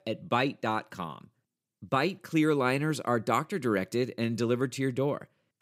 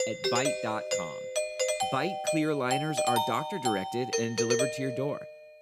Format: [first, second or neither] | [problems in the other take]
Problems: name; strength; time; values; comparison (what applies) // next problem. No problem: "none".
first | doorbell; loud; peak 5 dB above the speech